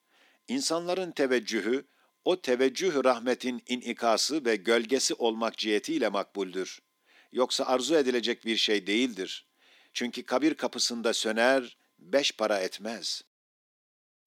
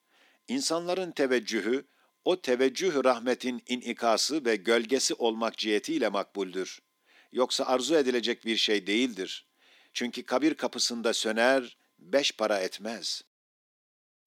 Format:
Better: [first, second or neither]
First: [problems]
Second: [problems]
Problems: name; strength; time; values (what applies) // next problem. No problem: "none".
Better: neither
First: thin; very slightly; fading below 250 Hz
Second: thin; very slightly; fading below 250 Hz